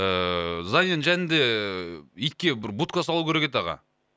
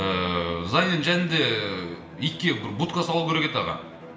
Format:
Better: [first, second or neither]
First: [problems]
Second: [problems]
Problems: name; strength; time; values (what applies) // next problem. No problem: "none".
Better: first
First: none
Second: background sound (Bowed string instrument); 15 dB below the speech // room echo; dies away in 1 s